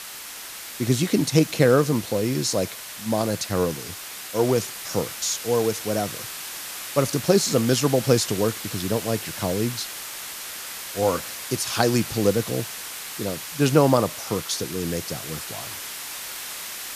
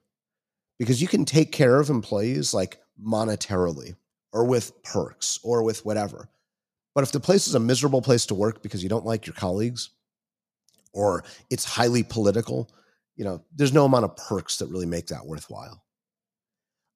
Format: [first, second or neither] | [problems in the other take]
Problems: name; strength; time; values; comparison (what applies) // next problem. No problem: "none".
second | hiss; loud; throughout; 9 dB below the speech